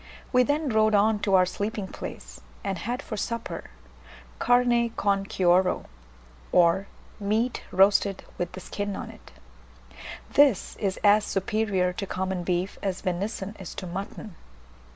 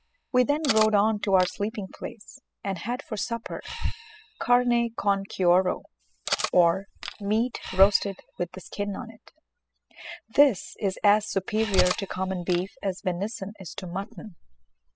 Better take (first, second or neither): first